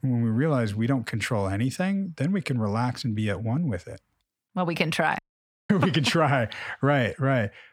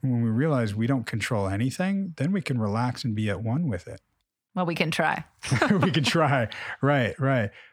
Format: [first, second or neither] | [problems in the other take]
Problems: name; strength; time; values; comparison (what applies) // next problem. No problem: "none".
second | audio cutting out; at 5 s for 0.5 s